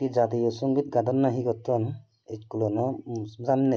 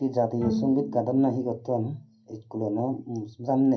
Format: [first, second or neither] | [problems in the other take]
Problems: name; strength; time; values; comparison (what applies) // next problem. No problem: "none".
first | background sound (Bowed string instrument); 9 dB below the speech // room echo; dies away in 0.3 s